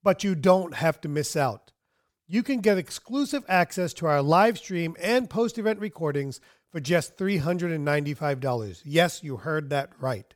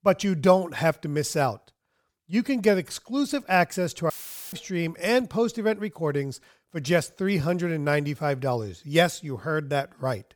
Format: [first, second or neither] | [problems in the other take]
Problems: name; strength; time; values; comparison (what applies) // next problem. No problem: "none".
first | audio cutting out; filled with static; at 4 s